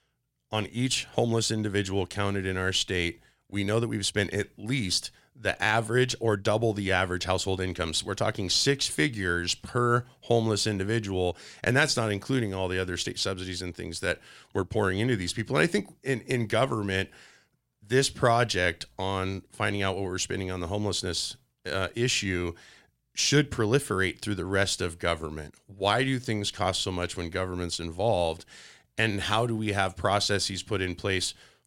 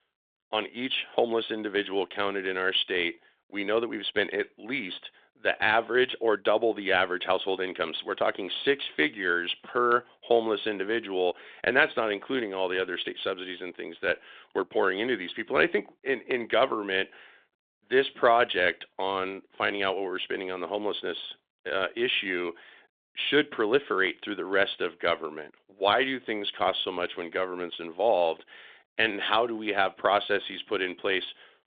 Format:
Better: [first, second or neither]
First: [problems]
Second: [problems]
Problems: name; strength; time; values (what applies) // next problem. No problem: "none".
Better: first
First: none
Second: phone-call audio